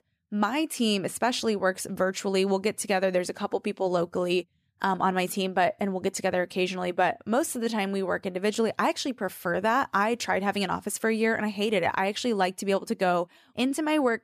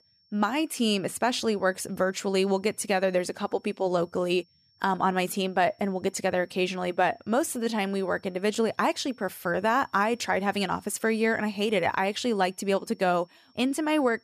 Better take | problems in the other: first | high-pitched whine; faint; throughout; 5.5 kHz, 35 dB below the speech

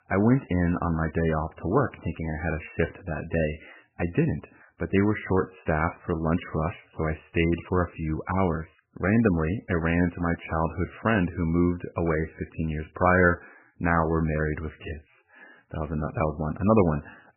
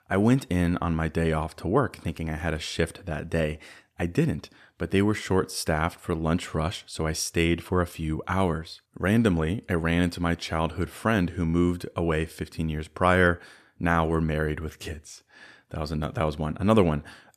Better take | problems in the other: second | garbled, watery; badly; nothing above 3 kHz

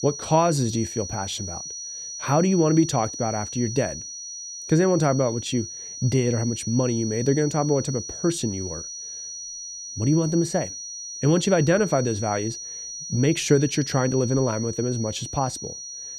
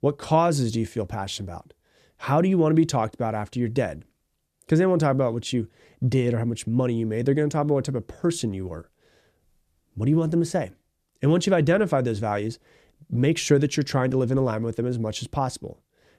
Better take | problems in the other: second | high-pitched whine; loud; throughout; 6 kHz, 9 dB below the speech

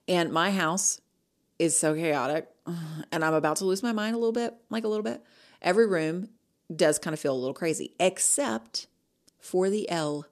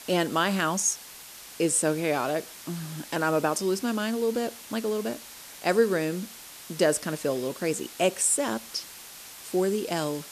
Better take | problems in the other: first | hiss; noticeable; throughout; 15 dB below the speech

